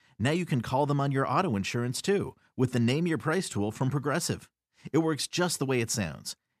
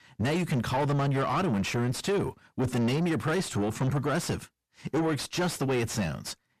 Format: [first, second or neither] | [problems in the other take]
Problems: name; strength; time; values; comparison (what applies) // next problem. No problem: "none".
first | distortion; heavy; 7 dB below the speech